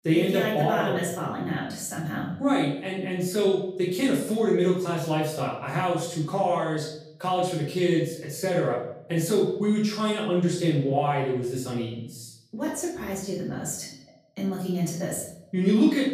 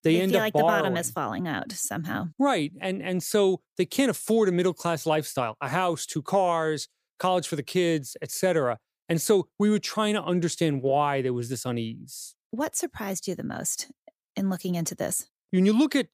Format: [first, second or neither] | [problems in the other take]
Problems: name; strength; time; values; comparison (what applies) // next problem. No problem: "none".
second | off-mic speech; far // room echo; noticeable; dies away in 0.7 s